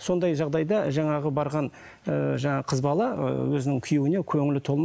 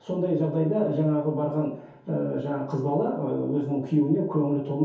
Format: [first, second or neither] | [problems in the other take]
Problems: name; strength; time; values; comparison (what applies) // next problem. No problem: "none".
first | room echo; dies away in 0.6 s